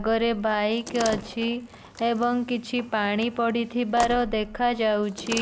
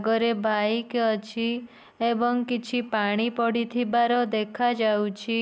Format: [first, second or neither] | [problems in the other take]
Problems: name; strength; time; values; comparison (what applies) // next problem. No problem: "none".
second | background sound (Slam); 13 dB below the speech